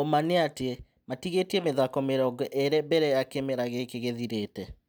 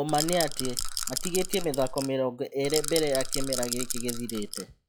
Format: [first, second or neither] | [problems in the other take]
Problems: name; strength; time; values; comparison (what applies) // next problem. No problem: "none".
first | noise reduction (classical method log-MMSE)